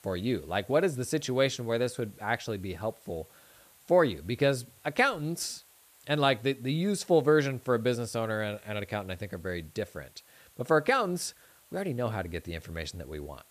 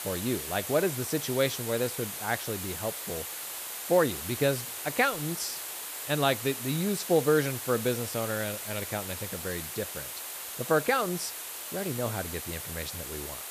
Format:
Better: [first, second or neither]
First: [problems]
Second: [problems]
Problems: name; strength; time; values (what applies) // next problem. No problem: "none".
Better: first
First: hiss; faint; throughout; 25 dB below the speech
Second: hiss; loud; throughout; 5 dB below the speech